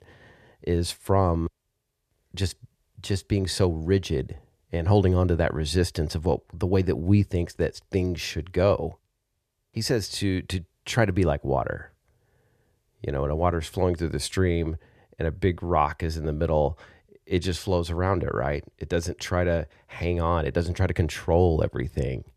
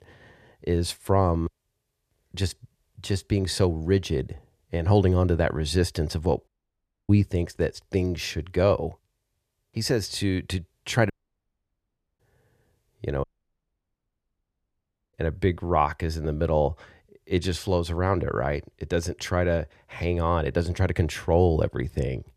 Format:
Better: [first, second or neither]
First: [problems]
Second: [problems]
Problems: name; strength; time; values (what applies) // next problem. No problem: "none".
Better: first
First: none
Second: audio cutting out; at 6.5 s for 0.5 s, at 11 s for 1 s and at 13 s for 2 s